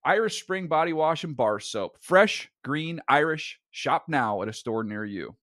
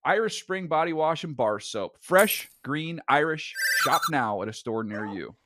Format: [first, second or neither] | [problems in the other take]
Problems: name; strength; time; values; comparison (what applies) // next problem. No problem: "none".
first | jangling keys; noticeable; at 2 s; peak 4 dB below the speech // phone ringing; loud; at 3.5 s; peak 4 dB above the speech // dog barking; faint; at 5 s; peak 15 dB below the speech